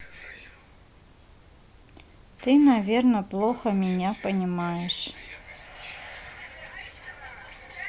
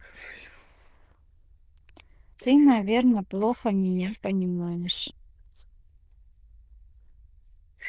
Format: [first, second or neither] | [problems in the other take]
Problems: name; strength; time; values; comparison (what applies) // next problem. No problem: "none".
first | noise reduction (neural diffusion model UNIVERSE++)